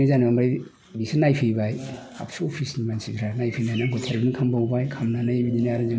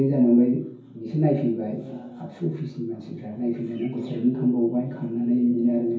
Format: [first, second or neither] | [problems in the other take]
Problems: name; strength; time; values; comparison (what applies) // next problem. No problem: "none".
first | room echo; dies away in 0.6 s